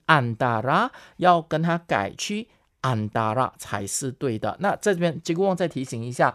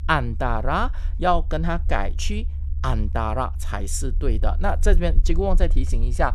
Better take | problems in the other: first | low rumble; faint; throughout; 20 dB below the speech

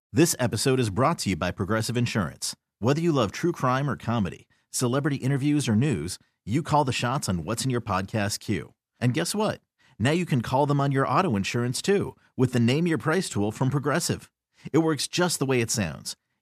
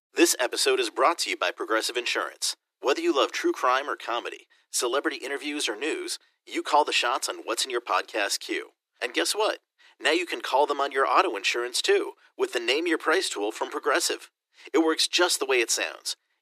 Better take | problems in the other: first | thin; very; fading below 350 Hz

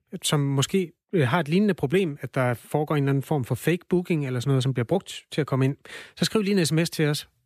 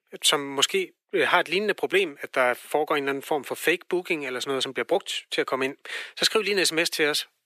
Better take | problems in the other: first | thin; very; fading below 400 Hz

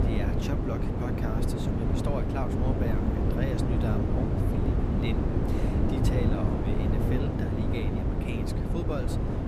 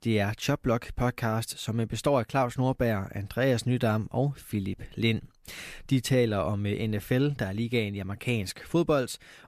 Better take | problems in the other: second | wind noise on the microphone; heavy; 4 dB above the speech

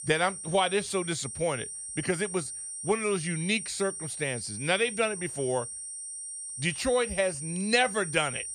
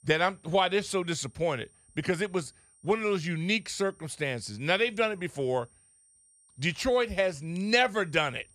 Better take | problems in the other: second | high-pitched whine; loud; throughout; 9 kHz, 7 dB below the speech; faint in the second

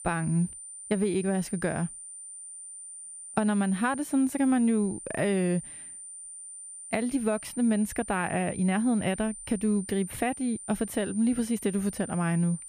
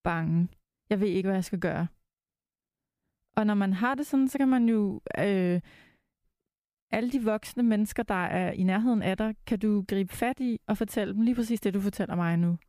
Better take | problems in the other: second | high-pitched whine; noticeable; throughout; 9 kHz, 10 dB below the speech

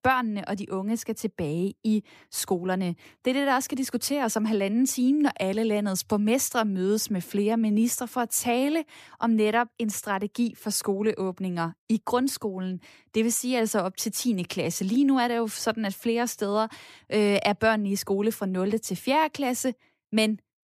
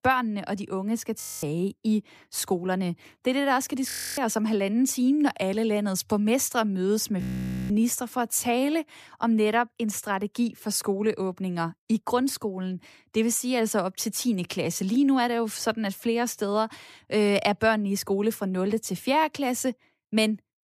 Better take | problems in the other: first | audio freezing; at 1 s, at 4 s and at 7 s

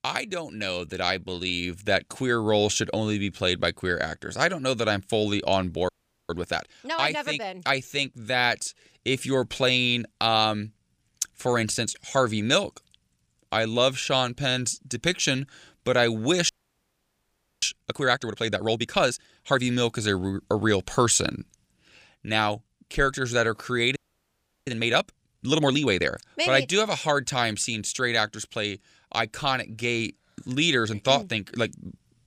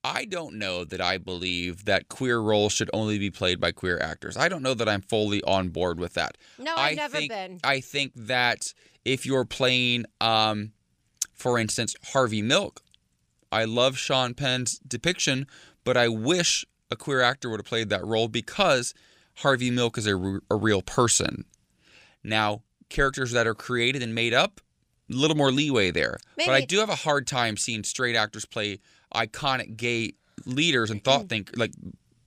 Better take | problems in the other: second | audio freezing; at 6 s, at 16 s for 1 s and at 24 s for 0.5 s

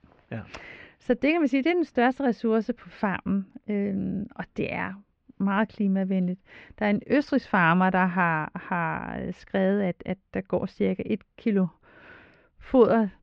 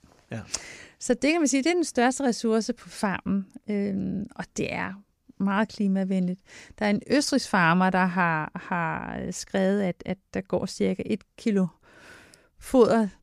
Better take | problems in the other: second | muffled; very; fading above 3 kHz

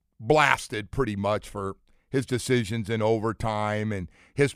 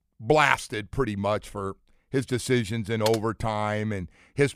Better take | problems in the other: first | keyboard typing; noticeable; at 3 s; peak 8 dB below the speech

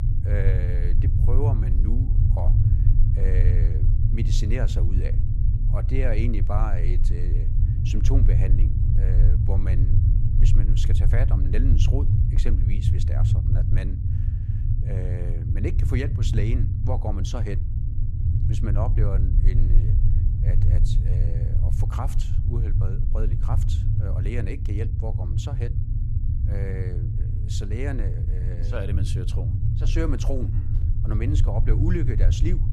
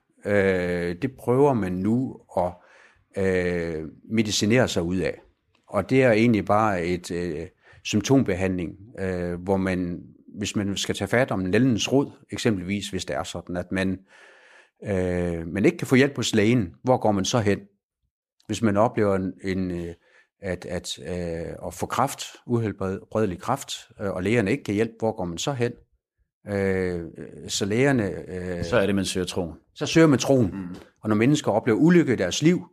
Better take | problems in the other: second | low rumble; loud; throughout; 2 dB below the speech

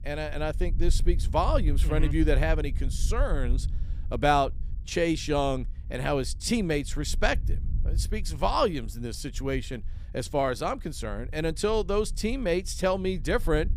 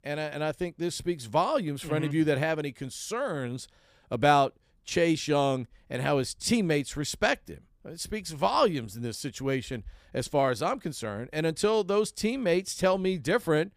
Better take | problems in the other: second | low rumble; faint; throughout; 25 dB below the speech

